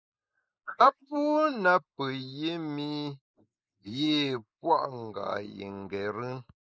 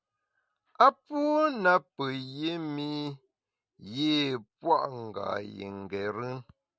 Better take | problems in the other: second | noise reduction (neural mask model Resemble Enhance denoiser)

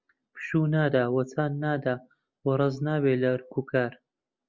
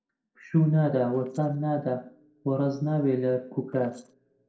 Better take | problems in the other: first | noise reduction (neural separator model SepFormer DNS4)

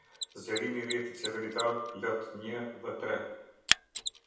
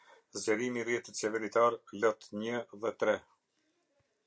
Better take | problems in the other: second | background sound (Mechanisms); 2 dB below the speech // room echo; dies away in 0.9 s

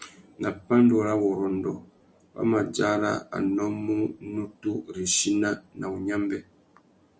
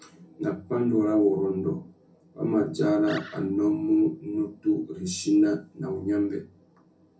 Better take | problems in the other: first | background sound (Animal); 16 dB below the speech // room echo; dies away in 0.3 s

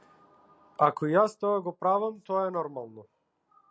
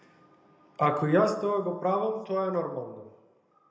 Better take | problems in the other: first | room echo; dies away in 0.7 s

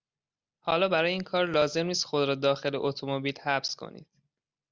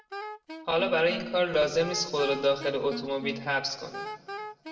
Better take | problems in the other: first | background sound (Wind instrument, woodwind instrument); 11 dB below the speech // room echo; dies away in 1.4 s

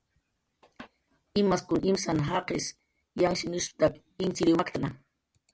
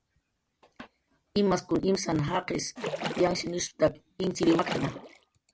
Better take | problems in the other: first | background sound (Splash, splatter); 7 dB below the speech

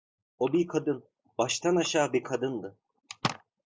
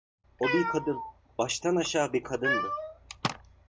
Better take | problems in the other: first | background sound (Cat); 4 dB below the speech

